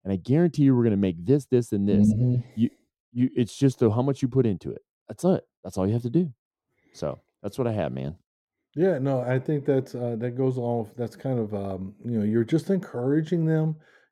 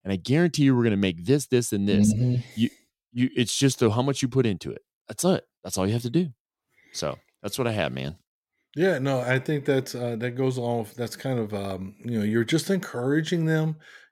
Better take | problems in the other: second | muffled; slightly; fading above 1.5 kHz

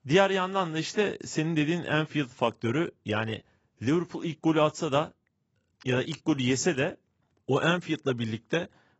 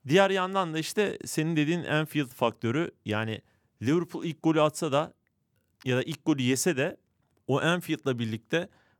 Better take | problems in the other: second | garbled, watery; badly; nothing above 7.5 kHz

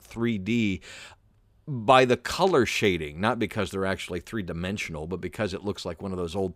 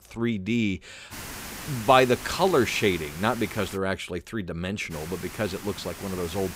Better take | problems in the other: first | hiss; noticeable; from 1 to 4 s and from 5 s on; 10 dB below the speech

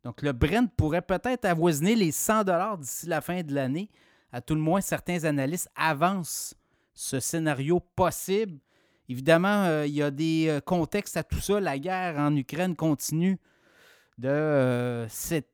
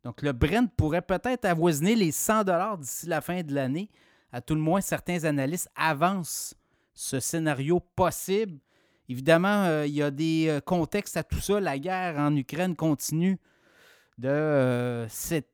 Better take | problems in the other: neither | none

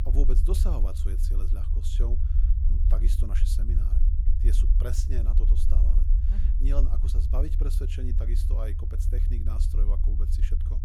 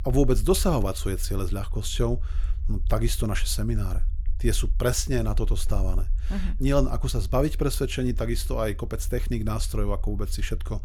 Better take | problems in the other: second | low rumble; loud; throughout; 4 dB below the speech; faint in the second

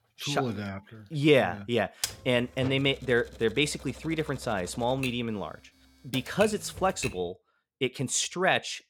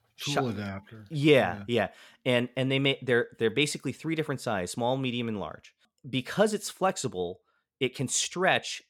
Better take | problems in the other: second | keyboard typing; noticeable; from 2 to 7 s; peak 5 dB below the speech

